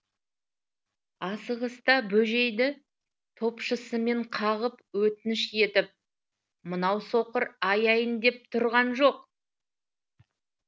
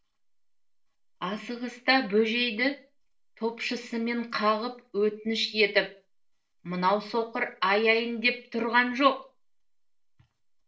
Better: first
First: none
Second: room echo; dies away in 0.3 s

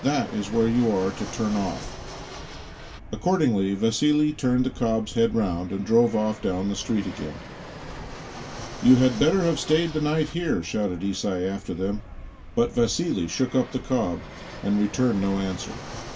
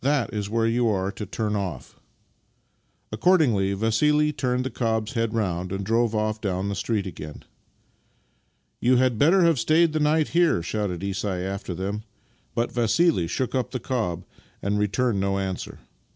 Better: second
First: background sound (Fixed-wing aircraft, airplane); 14 dB below the speech // room echo; dies away in 0.1 s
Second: none

